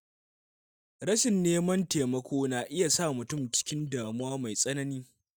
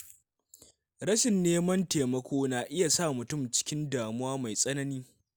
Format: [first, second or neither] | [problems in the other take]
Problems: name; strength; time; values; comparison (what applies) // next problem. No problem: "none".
second | noise reduction (neural mask model DeepFilterNet 3)